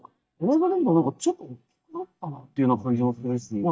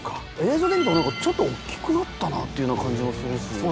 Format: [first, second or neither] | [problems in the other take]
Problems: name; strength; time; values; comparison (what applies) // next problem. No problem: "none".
second | noise reduction (neural mask model DeepFilterNet 3)